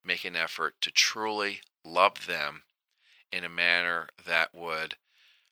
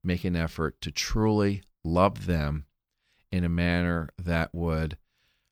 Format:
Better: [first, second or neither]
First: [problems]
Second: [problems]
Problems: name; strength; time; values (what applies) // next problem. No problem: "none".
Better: second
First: thin; very; fading below 700 Hz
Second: none